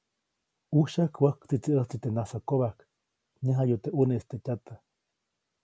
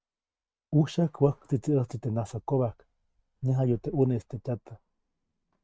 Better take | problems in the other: first | noise reduction (neural mask model RNNoise)

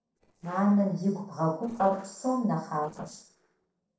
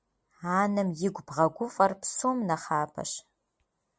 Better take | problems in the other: second | noise reduction (neural separator model SepFormer DNS4)

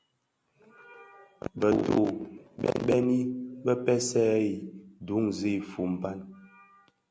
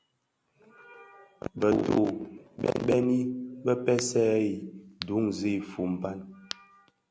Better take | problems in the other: first | background sound (Crack); 18 dB below the speech

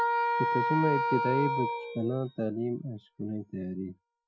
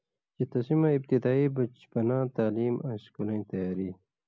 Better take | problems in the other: second | noise reduction (classical method Wiener filter)

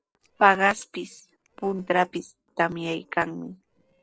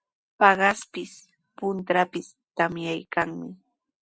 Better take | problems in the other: second | noise reduction (neural separator model SepFormer DNS4)

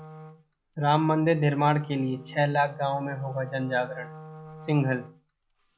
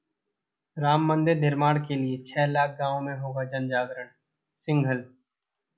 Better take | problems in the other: second | background sound (Wind instrument, woodwind instrument); 17 dB below the speech

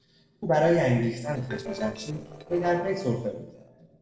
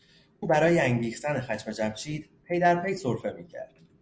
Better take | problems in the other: second | noise reduction (neural separator model SepFormer DNS4)

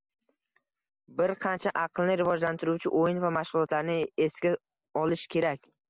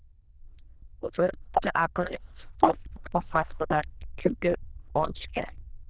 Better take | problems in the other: first | noise reduction (neural diffusion model UNIVERSE++)

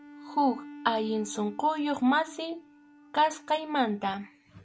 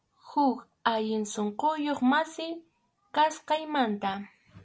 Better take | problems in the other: second | background sound (Bowed string instrument); 19 dB below the speech

